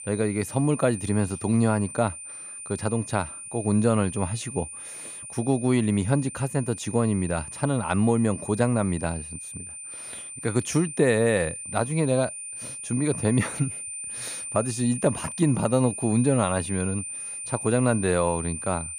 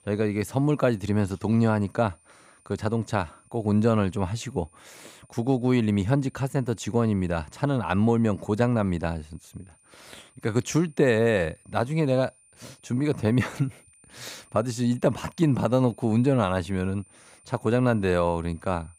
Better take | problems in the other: second | high-pitched whine; loud; throughout; 9 kHz, 9 dB below the speech; faint in the second

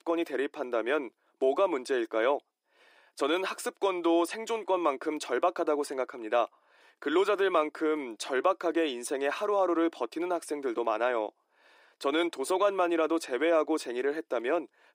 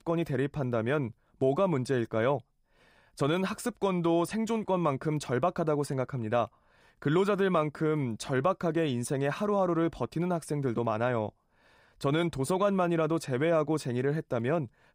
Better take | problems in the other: second | thin; somewhat; fading below 300 Hz

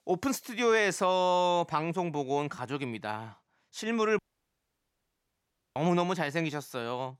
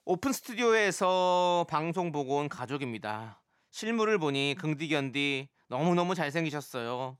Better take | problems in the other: second | audio cutting out; at 4 s for 1.5 s

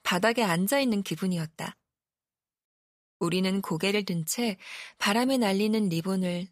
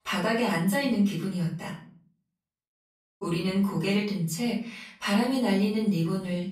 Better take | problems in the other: first | off-mic speech; far // room echo; noticeable; dies away in 0.5 s

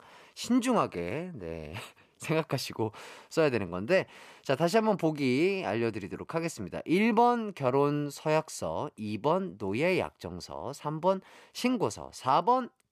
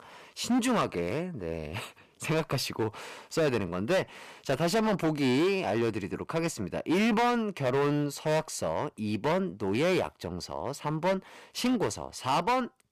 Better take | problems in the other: first | distortion; heavy; 10% of the sound clipped

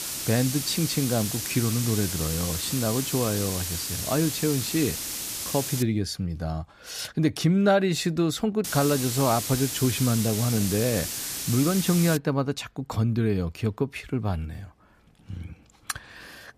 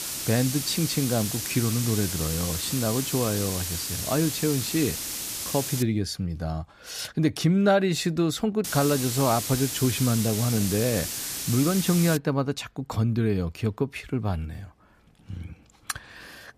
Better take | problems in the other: neither | hiss; loud; until 6 s and from 8.5 to 12 s; 3 dB below the speech; the same in both

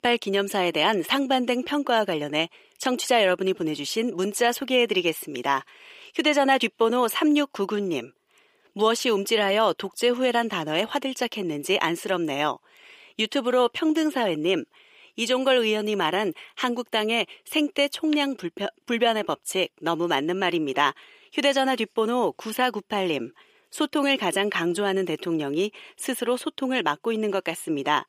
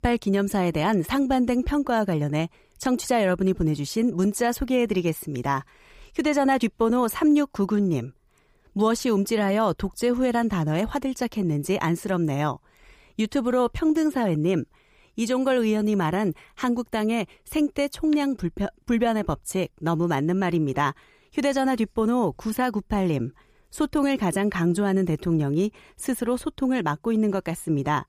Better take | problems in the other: second | thin; somewhat; fading below 400 Hz

